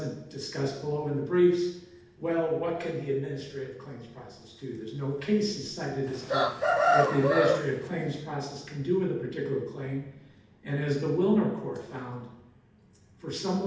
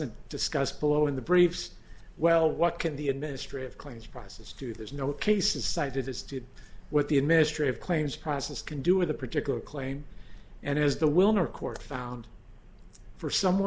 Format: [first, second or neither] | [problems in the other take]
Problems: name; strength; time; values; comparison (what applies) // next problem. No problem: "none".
second | background sound (Chicken, rooster); 4 dB above the speech // room echo; dies away in 0.8 s